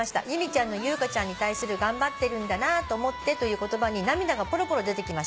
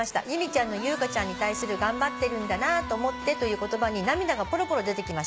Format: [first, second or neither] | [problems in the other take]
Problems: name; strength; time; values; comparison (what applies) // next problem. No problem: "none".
first | background sound (Bowed string instrument); 15 dB below the speech